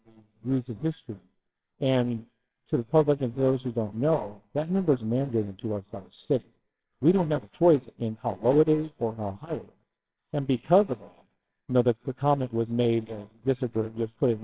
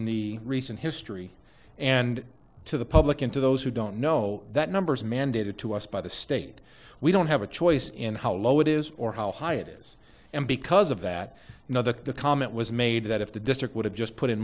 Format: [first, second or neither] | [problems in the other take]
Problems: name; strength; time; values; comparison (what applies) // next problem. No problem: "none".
second | noise reduction (neural separator model SepFormer WHAMR!)